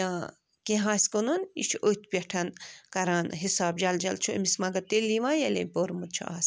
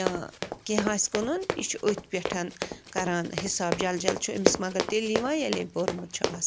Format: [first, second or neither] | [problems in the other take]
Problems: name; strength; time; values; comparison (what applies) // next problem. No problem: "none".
first | background sound (Run); 3 dB below the speech